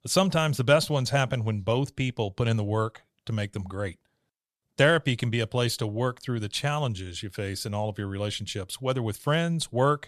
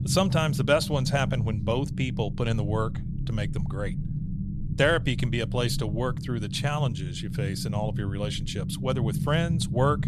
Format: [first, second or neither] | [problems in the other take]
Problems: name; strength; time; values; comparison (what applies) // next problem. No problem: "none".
first | low rumble; noticeable; throughout; 10 dB below the speech